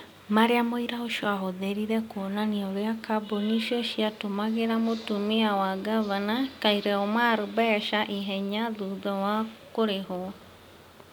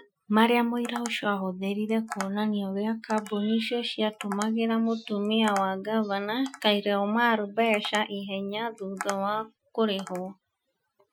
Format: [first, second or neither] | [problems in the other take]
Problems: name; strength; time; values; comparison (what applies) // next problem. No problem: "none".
first | noise reduction (classical method Wiener filter)